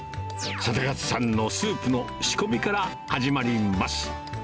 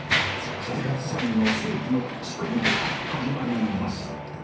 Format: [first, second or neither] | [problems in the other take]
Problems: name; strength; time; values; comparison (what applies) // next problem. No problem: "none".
first | background sound (Mechanisms); 2 dB below the speech // room echo; dies away in 0.6 s